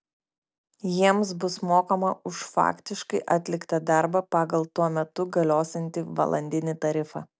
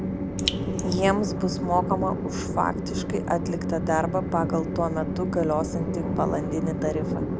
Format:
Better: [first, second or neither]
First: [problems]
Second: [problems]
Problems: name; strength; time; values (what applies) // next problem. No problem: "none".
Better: first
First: none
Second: background sound (Train + Raindrop); as loud as the speech